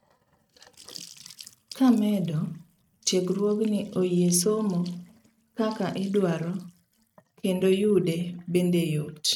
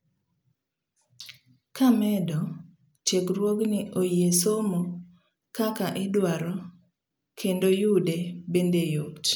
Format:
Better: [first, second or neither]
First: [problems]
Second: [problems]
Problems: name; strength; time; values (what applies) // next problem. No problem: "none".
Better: second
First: noise reduction (neural mask model RNNoise)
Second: none